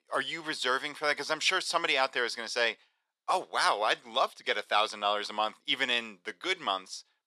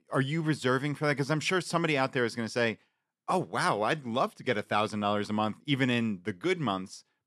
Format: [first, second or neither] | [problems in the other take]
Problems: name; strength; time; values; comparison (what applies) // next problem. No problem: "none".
second | thin; very; fading below 650 Hz